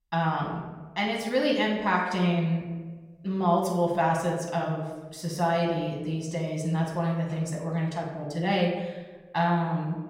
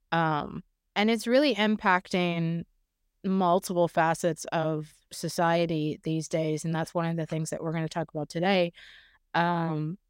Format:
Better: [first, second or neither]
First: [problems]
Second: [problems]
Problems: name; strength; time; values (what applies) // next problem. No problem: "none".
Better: second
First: off-mic speech; far // room echo; noticeable; dies away in 1 s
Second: none